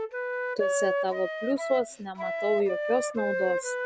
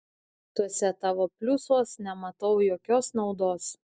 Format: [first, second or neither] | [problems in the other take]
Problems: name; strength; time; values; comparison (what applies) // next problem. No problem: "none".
second | background sound (Wind instrument, woodwind instrument); 1 dB below the speech